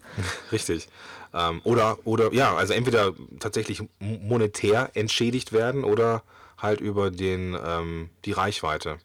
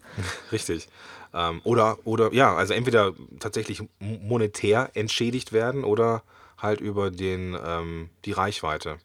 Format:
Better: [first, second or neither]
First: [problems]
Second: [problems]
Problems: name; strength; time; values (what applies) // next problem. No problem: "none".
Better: second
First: distortion; slight; 3% of the sound clipped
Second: none